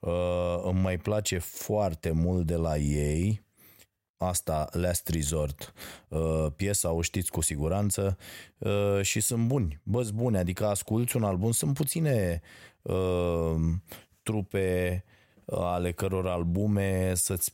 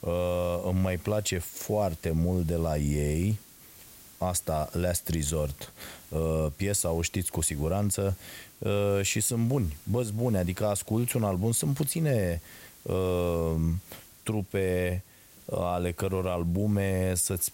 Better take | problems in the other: first | hiss; faint; throughout; 20 dB below the speech

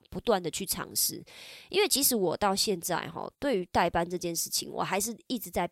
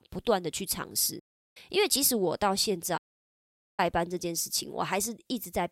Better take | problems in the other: first | audio cutting out; at 1 s and at 3 s for 1 s

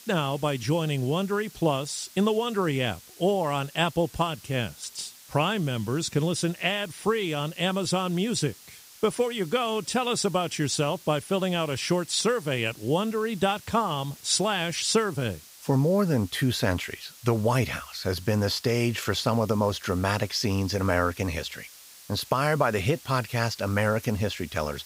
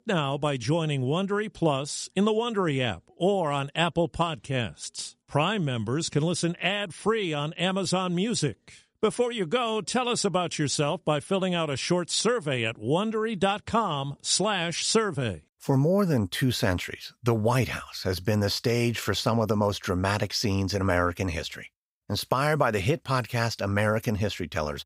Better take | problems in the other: second | hiss; faint; throughout; 20 dB below the speech

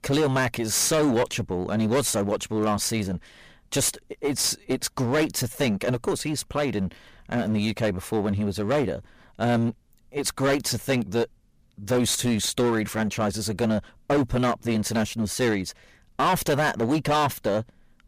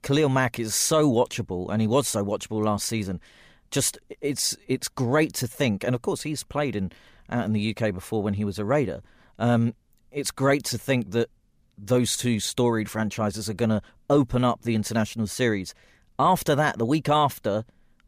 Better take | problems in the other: second | distortion; heavy; 12% of the sound clipped

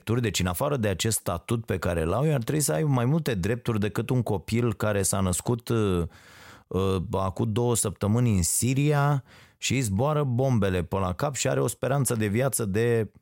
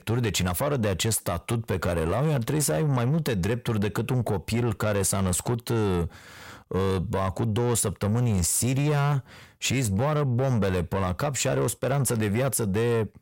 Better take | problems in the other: first | distortion; slight; 10 dB below the speech

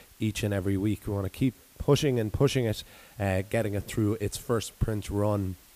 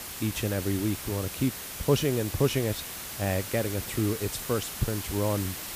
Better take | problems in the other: first | hiss; loud; throughout; 6 dB below the speech; faint in the first

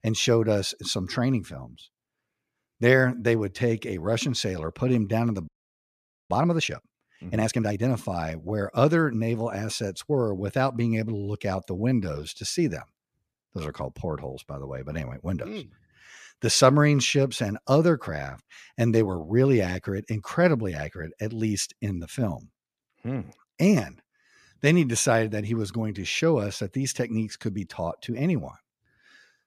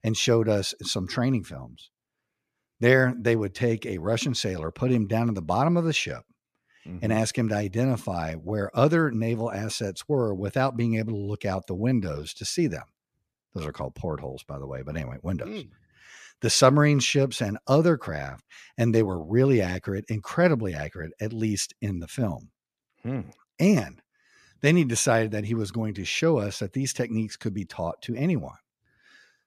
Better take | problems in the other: second | audio freezing; at 5.5 s for 1 s

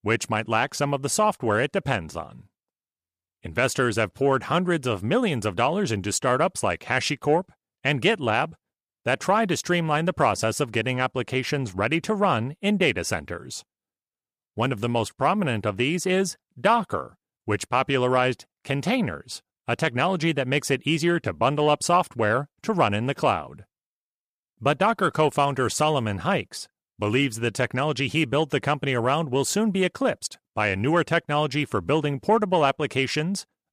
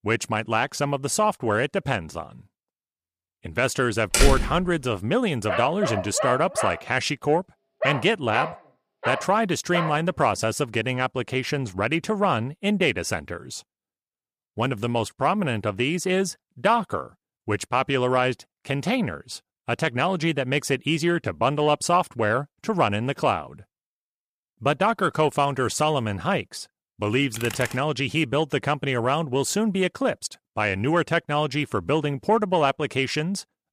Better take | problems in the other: first | door banging; loud; at 4 s; peak 3 dB above the speech // dog barking; noticeable; from 5.5 to 10 s; peak 3 dB below the speech // keyboard typing; noticeable; at 27 s; peak 10 dB below the speech

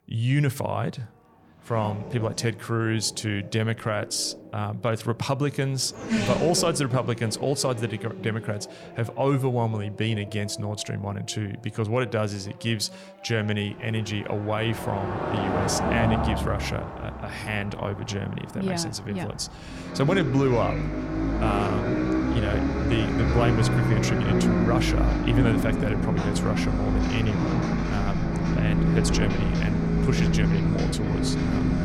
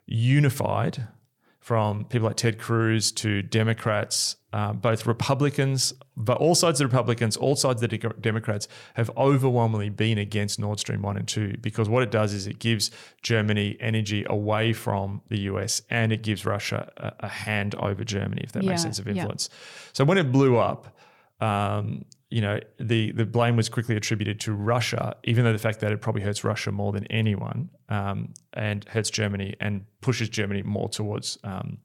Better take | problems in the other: second | traffic noise; very loud; throughout; 2 dB above the speech

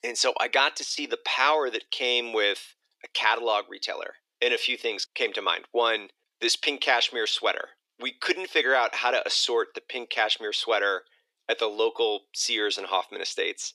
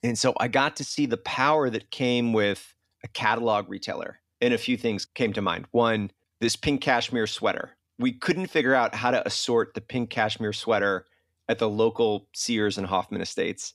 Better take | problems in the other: second | thin; very; fading below 350 Hz

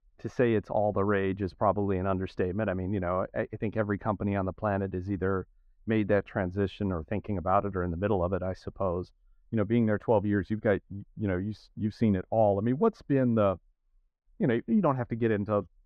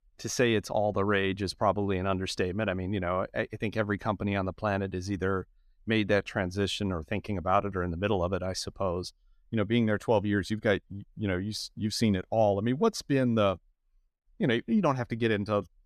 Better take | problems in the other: second | muffled; very; fading above 3.5 kHz

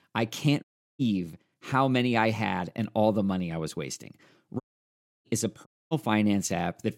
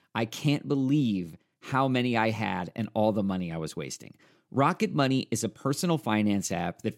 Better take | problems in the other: second | audio cutting out; at 0.5 s, at 4.5 s for 0.5 s and at 5.5 s

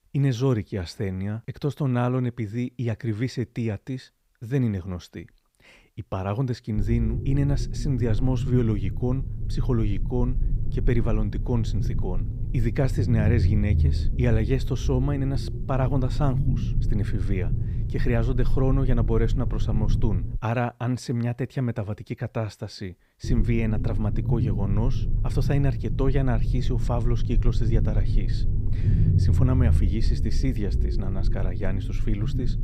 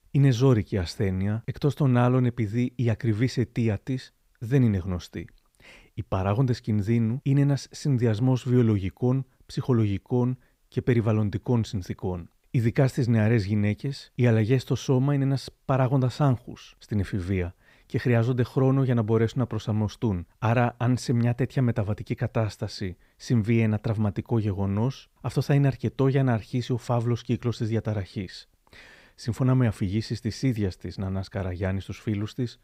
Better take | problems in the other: second | low rumble; loud; from 7 to 20 s and from 23 s on; 8 dB below the speech

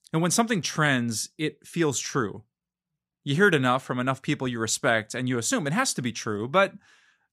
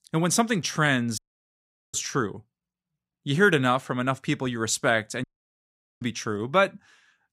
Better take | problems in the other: first | audio cutting out; at 1 s for 1 s and at 5 s for 1 s

